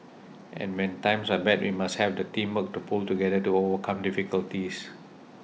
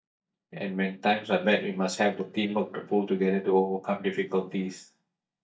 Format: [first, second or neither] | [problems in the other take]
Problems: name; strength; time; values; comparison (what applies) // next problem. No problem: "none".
first | noise reduction (neural mask model DeepFilterNet 3)